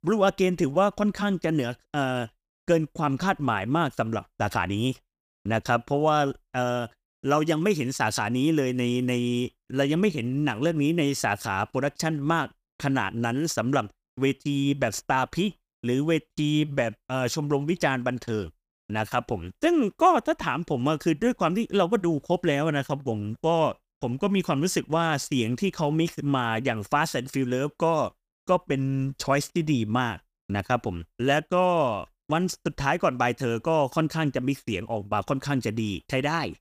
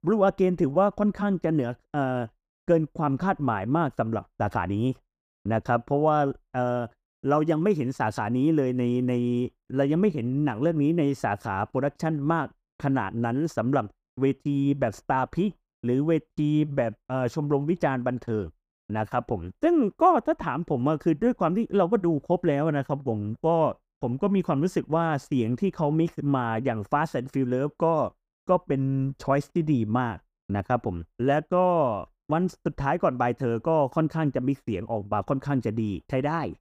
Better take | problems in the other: first | muffled; slightly; fading above 2 kHz

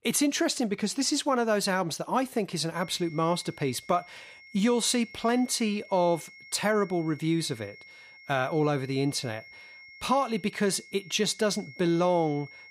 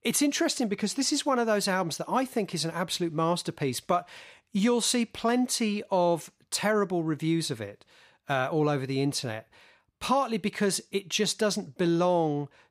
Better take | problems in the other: second | high-pitched whine; faint; from 3 s on; 2 kHz, 20 dB below the speech

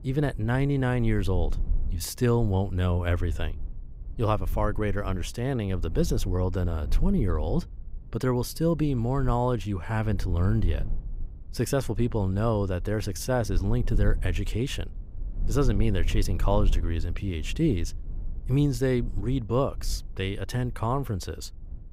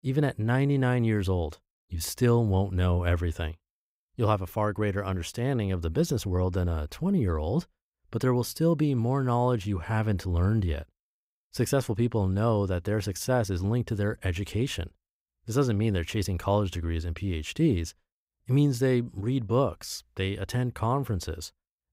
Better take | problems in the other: second | low rumble; faint; throughout; 20 dB below the speech

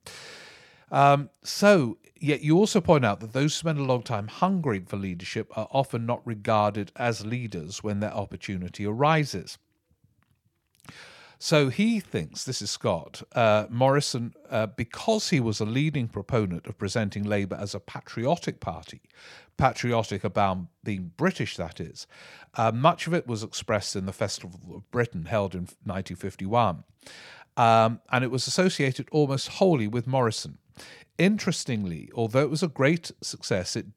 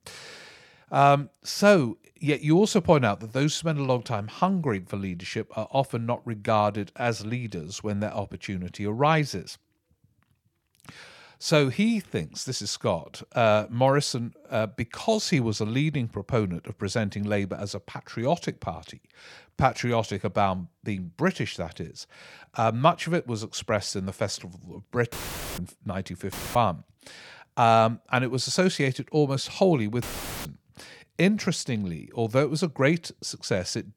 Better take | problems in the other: first | audio cutting out; filled with static; at 25 s, at 26 s and at 30 s

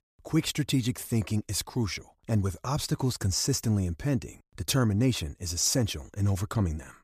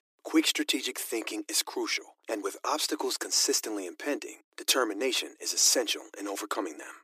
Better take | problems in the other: first | thin; very; fading below 300 Hz

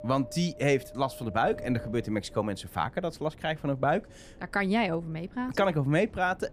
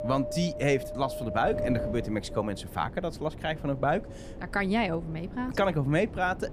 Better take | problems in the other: first | wind noise on the microphone; heavy; 9 dB below the speech; occasional gusts in the first

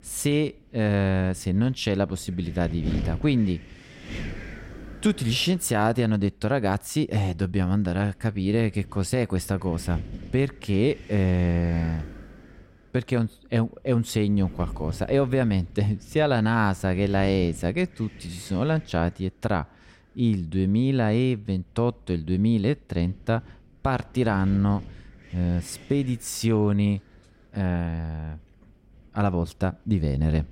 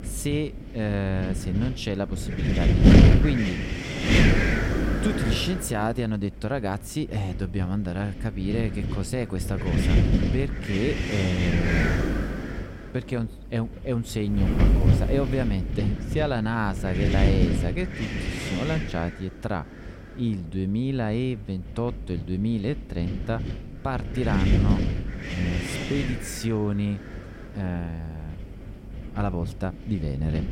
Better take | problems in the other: first | wind noise on the microphone; heavy; 2 dB above the speech; occasional gusts in the first

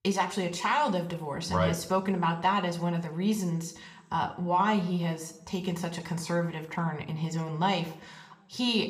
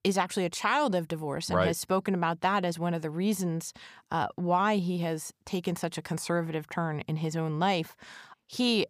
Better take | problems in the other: second | room echo; very slight; dies away in 0.5 s

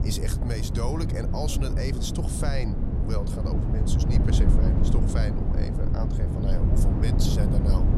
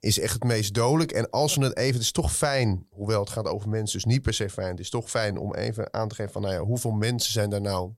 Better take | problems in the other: second | low rumble; loud; throughout; as loud as the speech

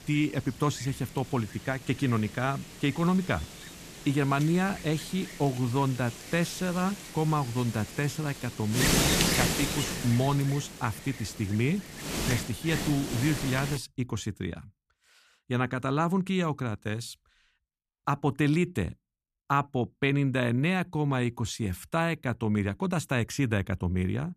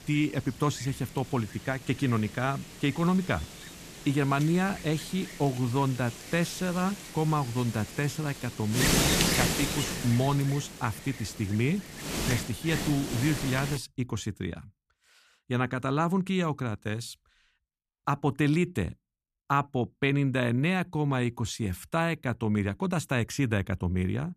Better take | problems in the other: neither | wind noise on the microphone; heavy; until 14 s; 2 dB below the speech; the same in both

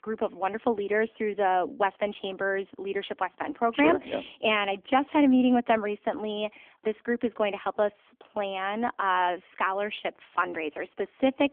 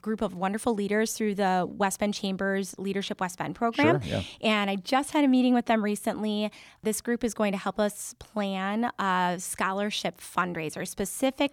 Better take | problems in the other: second | phone-call audio; poor line; nothing above 3.5 kHz

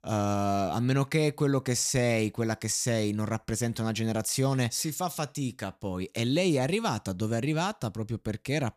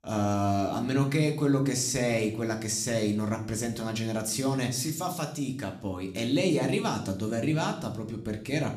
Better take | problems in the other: first | room echo; slight; dies away in 0.6 s

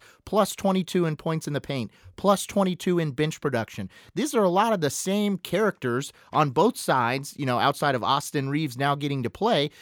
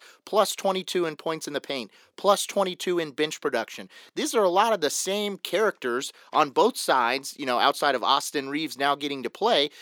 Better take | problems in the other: first | thin; somewhat; fading below 300 Hz

